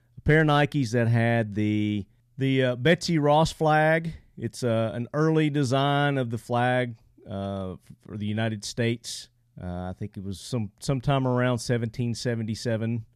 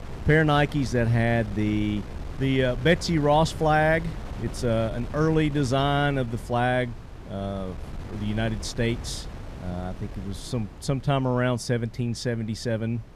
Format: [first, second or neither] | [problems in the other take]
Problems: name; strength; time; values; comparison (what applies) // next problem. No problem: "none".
first | wind noise on the microphone; occasional gusts; 20 dB below the speech